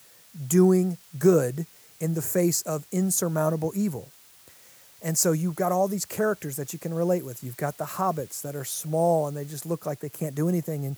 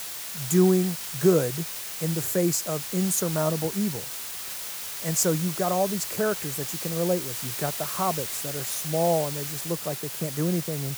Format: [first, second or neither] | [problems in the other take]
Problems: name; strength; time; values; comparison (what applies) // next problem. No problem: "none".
first | hiss; loud; throughout; 5 dB below the speech; faint in the first